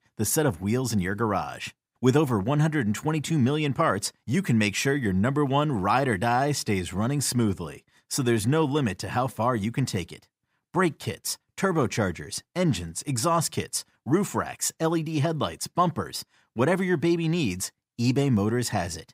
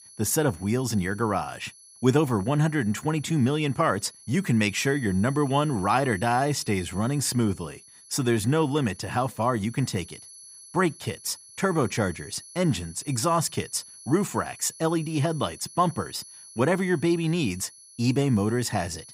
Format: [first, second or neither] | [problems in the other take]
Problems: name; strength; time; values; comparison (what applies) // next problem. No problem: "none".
first | high-pitched whine; noticeable; throughout; 11 kHz, 20 dB below the speech